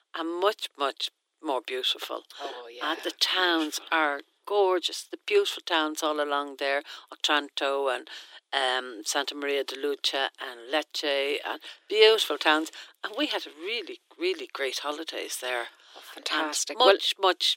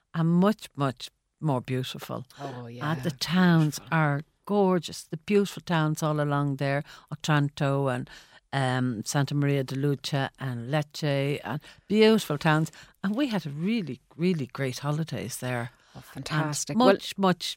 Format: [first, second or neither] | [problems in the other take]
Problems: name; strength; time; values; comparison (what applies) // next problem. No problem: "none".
second | thin; very; fading below 300 Hz